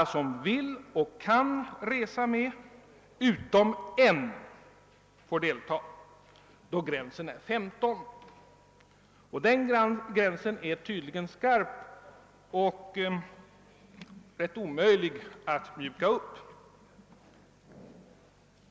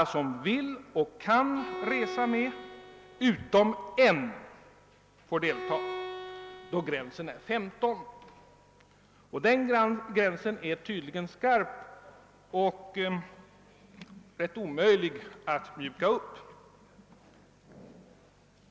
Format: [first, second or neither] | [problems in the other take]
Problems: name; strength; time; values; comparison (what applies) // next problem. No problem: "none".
first | background sound (Bowed string instrument); 11 dB below the speech